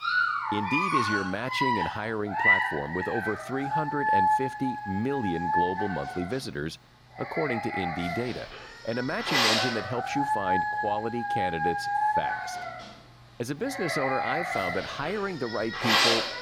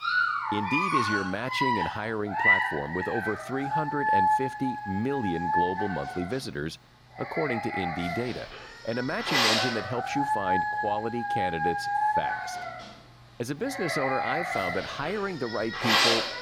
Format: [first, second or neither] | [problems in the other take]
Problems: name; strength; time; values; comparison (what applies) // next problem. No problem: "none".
neither | animal sounds; very loud; throughout; 5 dB above the speech; the same in both